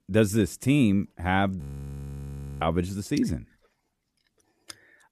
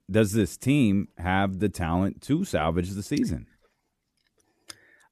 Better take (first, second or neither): second